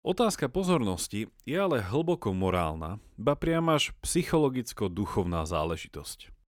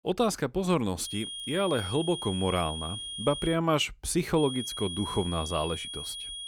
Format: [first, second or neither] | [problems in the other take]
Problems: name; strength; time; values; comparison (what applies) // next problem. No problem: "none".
first | high-pitched whine; loud; from 1 to 3.5 s and from 4.5 s on; 3.5 kHz, 7 dB below the speech